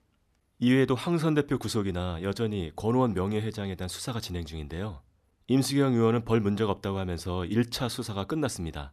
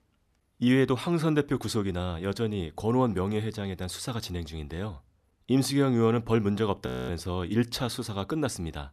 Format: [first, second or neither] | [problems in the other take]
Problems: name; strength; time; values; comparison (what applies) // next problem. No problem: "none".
first | audio freezing; at 7 s